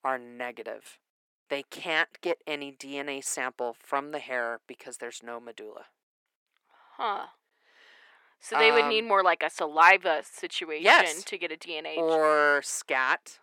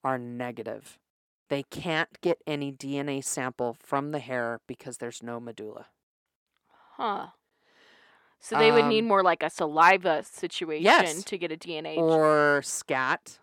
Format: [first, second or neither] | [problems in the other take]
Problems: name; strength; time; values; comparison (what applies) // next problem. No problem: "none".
second | thin; somewhat; fading below 400 Hz